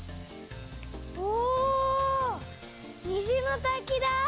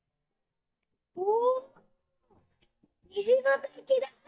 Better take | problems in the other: first | noise reduction (neural mask model DeepFilterNet 3)

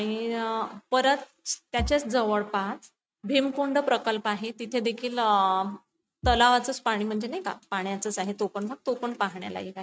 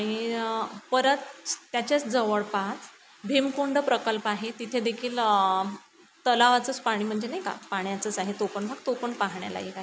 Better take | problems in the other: second | noise reduction (neural mask model RNNoise)

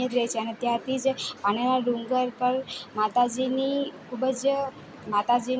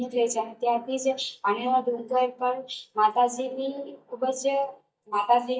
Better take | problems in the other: first | noise reduction (neural mask model DeepFilterNet 3)

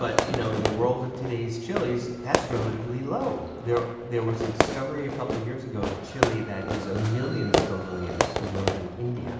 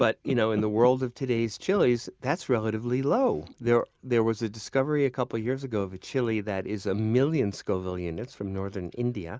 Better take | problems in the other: second | background sound (Fireworks); 1 dB below the speech // room echo; dies away in 1.1 s

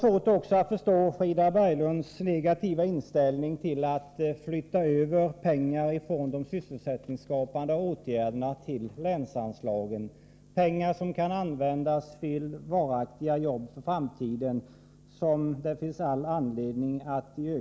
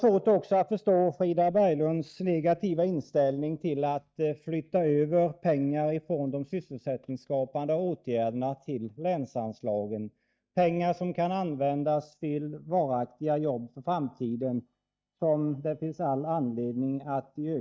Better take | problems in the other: first | noise reduction (neural mask model DeepFilterNet 3)

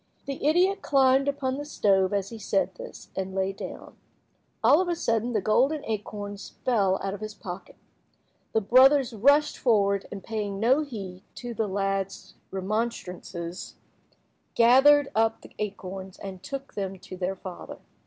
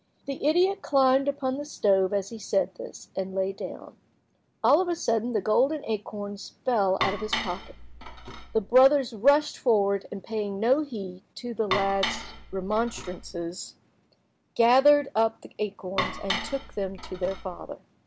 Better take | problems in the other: first | background sound (Dishes, pots, and pans); 7 dB below the speech

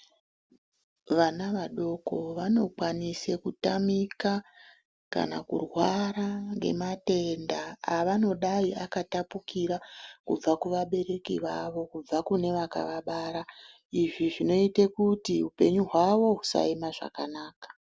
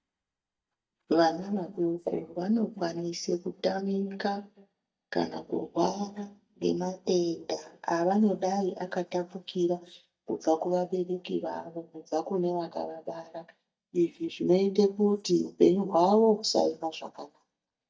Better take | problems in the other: first | noise reduction (neural mask model DeepFilterNet 3)

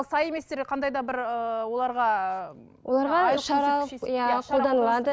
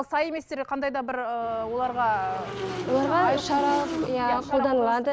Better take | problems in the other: first | background sound (Motorcycle / Engine); 8 dB below the speech

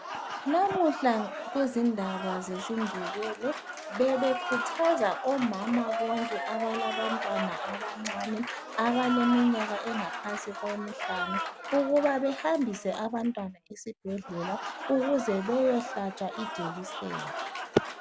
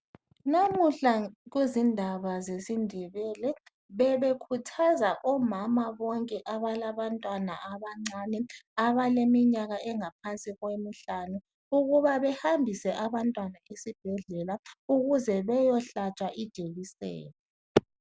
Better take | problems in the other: second | background sound (Applause); 6 dB below the speech

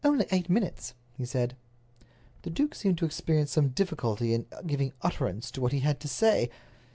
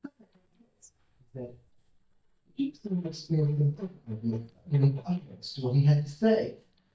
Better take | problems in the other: first | noise reduction (neural mask model DeepFilterNet 3)

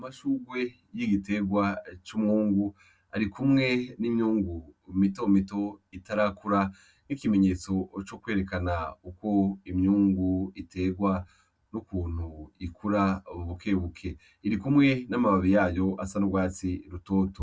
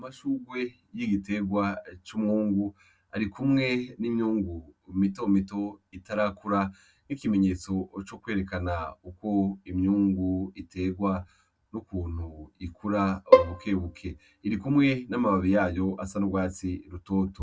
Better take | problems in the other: first | background sound (Bowed string instrument); 3 dB above the speech

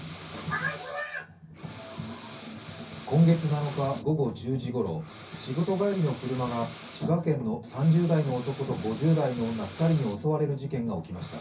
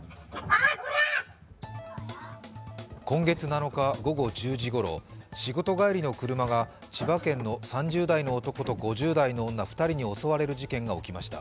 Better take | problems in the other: second | background sound (Breathing); 19 dB below the speech // room echo; dies away in 0.3 s

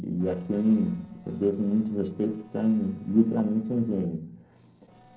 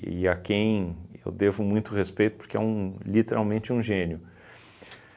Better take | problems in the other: second | noise reduction (neural separator model SepFormer DNS4)

